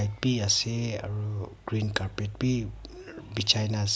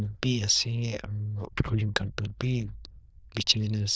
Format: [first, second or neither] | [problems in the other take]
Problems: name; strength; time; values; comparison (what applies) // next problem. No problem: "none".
first | noise reduction (neural diffusion model UNIVERSE++)